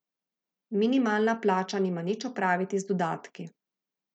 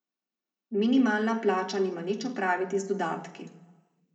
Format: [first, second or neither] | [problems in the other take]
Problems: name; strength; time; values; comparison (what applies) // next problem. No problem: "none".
first | room echo; dies away in 0.8 s